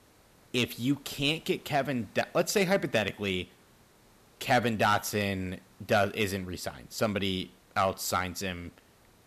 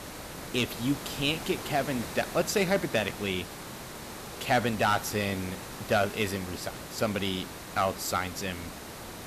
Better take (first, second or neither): first